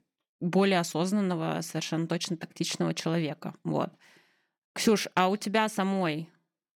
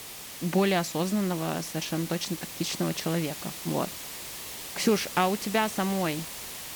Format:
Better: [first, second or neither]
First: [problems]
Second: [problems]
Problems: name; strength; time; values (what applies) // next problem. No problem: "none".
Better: first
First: none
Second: hiss; loud; throughout; 8 dB below the speech